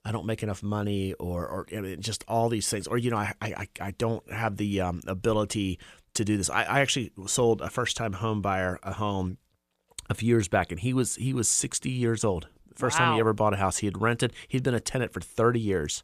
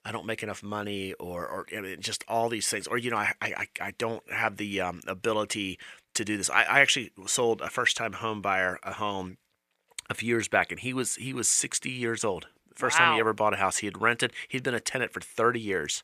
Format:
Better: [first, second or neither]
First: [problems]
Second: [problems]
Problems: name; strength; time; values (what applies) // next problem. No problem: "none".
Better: first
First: none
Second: thin; somewhat; fading below 850 Hz